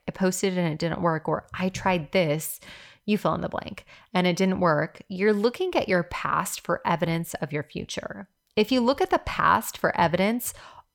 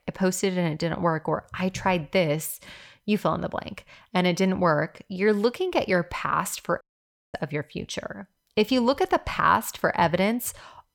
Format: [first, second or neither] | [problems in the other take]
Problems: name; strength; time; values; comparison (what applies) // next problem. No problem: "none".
first | audio cutting out; at 7 s for 0.5 s